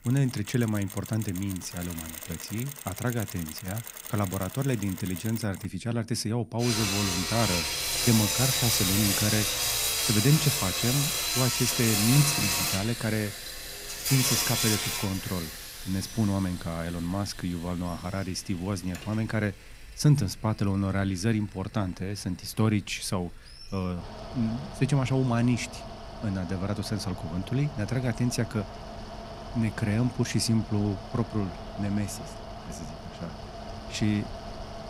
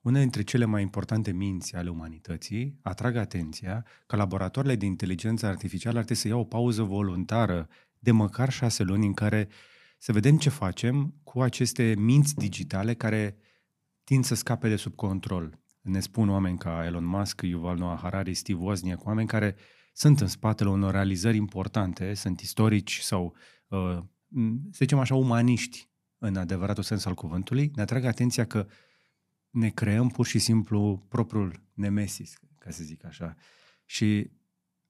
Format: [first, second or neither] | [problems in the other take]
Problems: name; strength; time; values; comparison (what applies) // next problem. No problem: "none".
second | machinery noise; loud; throughout; as loud as the speech